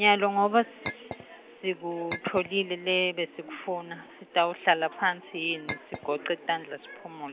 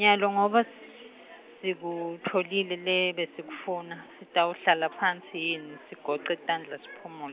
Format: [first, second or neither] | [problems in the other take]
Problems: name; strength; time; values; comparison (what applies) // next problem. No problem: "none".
second | background sound (Chink, clink); 12 dB below the speech